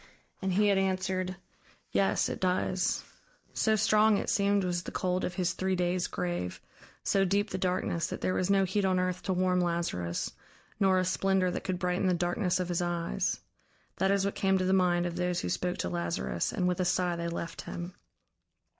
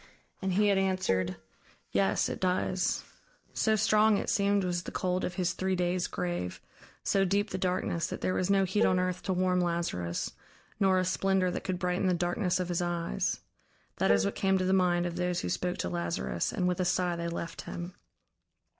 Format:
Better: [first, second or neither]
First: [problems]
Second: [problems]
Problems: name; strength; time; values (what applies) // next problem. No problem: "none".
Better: first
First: none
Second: background sound (Dishes, pots, and pans); 6 dB below the speech